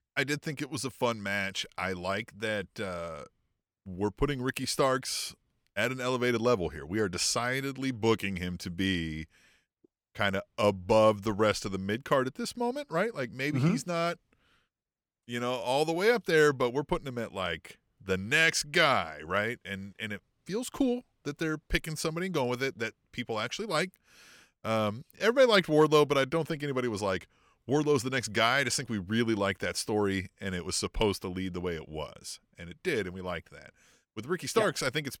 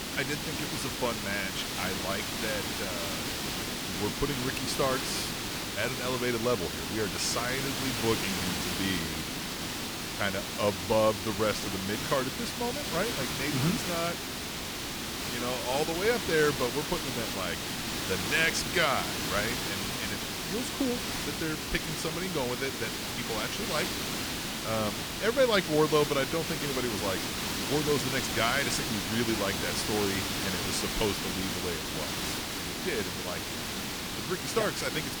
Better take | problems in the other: first | hiss; loud; throughout; as loud as the speech

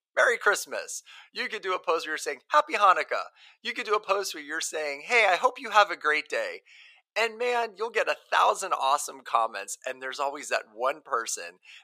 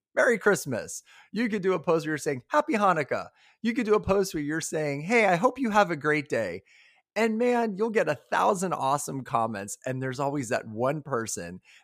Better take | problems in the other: second | thin; very; fading below 500 Hz

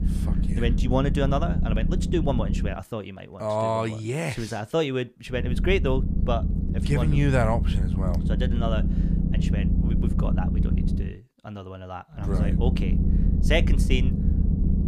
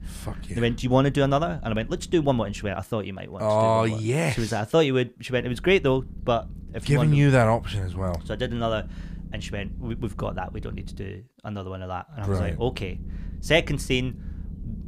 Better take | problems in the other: second | low rumble; loud; until 2.5 s, from 5.5 to 11 s and from 12 s on; 7 dB below the speech; faint in the second

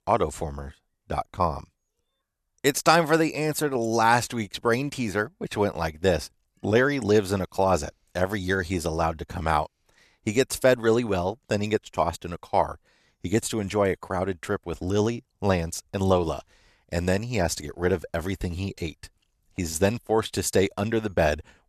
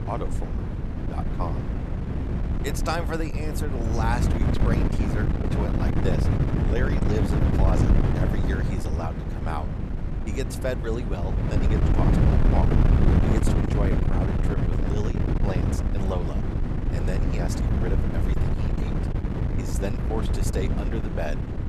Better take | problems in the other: first | wind noise on the microphone; heavy; as loud as the speech

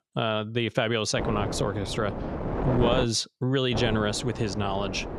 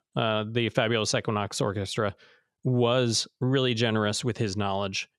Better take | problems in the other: second | wind noise on the microphone; heavy; from 1 to 3 s and from 3.5 s on; 6 dB below the speech

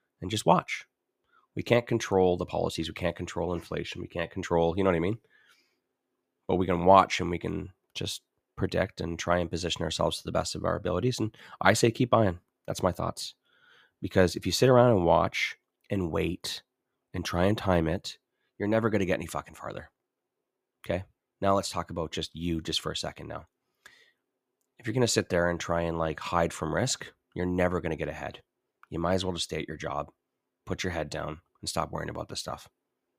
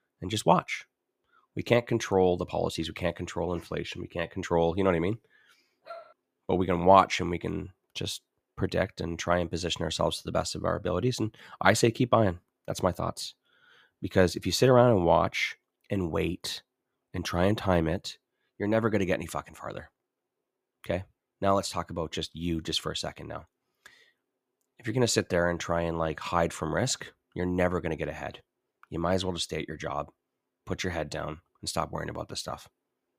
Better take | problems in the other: first | dog barking; faint; at 6 s; peak 20 dB below the speech

